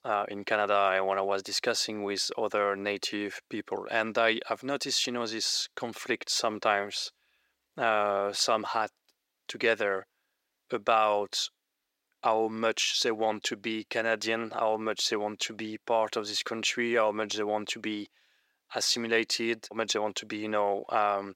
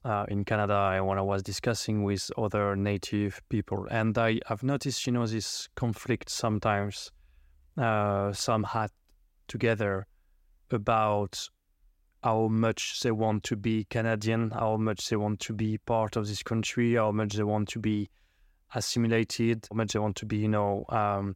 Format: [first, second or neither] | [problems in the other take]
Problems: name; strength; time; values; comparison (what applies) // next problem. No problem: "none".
second | thin; somewhat; fading below 450 Hz